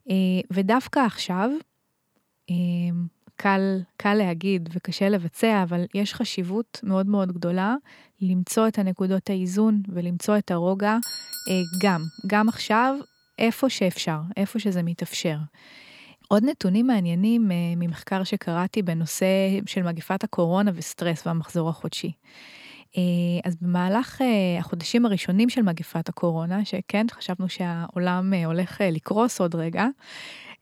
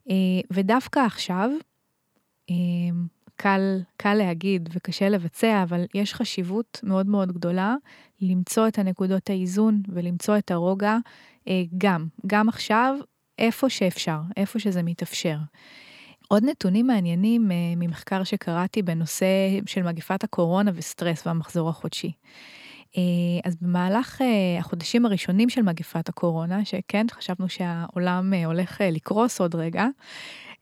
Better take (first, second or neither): second